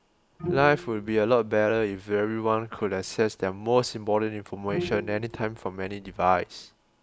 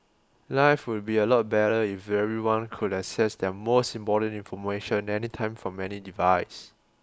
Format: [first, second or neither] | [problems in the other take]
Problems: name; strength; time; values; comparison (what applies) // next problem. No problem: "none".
second | background sound (Bowed string instrument); 11 dB below the speech